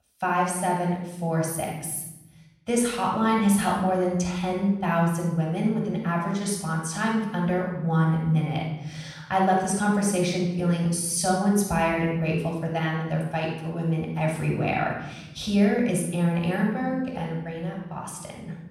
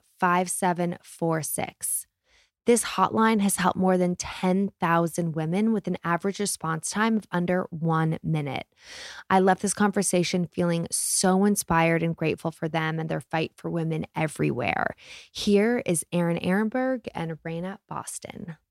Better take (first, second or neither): second